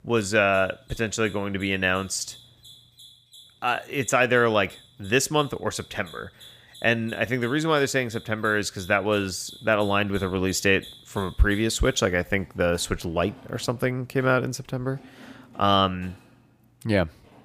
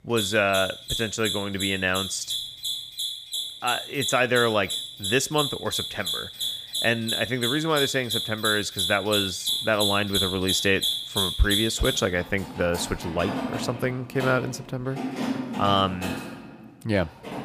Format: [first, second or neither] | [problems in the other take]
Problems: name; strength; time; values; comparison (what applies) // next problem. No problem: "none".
first | machinery noise; loud; throughout; 2 dB below the speech; faint in the first